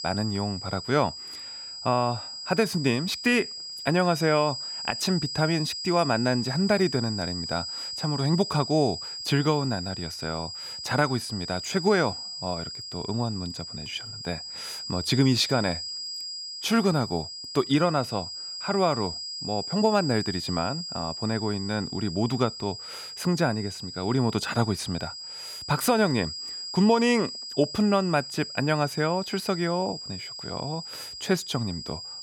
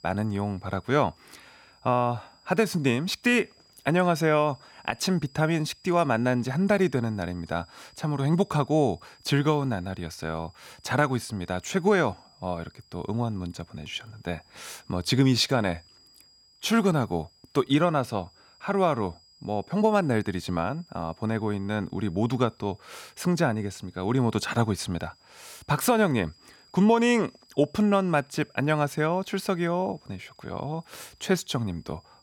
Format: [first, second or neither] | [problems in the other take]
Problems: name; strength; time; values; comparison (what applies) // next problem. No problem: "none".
second | high-pitched whine; loud; throughout; 5 kHz, 7 dB below the speech; faint in the second